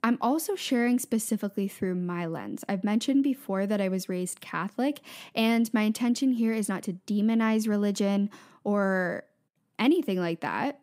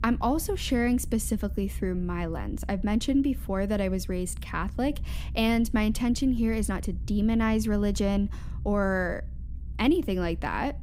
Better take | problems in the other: first | low rumble; faint; throughout; 25 dB below the speech

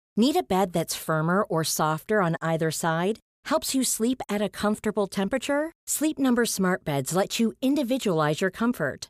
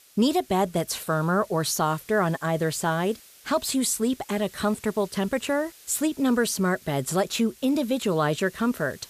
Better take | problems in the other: first | hiss; faint; throughout; 25 dB below the speech

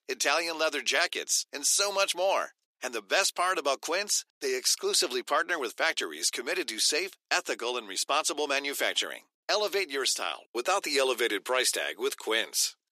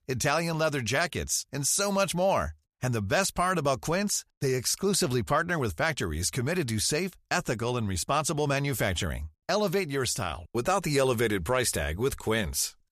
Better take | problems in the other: second | thin; very; fading below 300 Hz

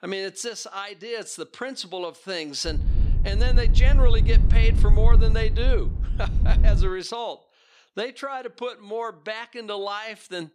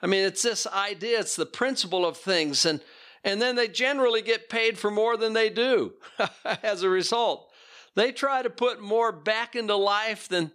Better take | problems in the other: second | low rumble; loud; from 2.5 to 7 s; 10 dB below the speech

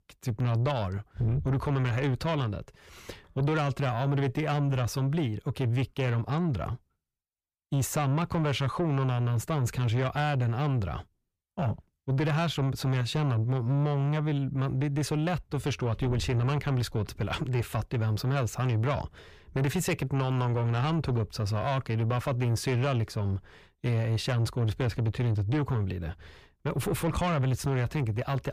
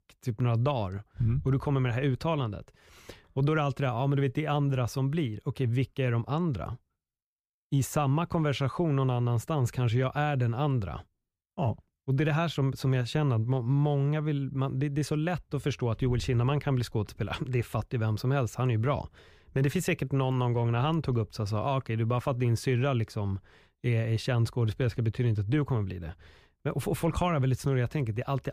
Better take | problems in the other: second | distortion; slight; 10 dB below the speech

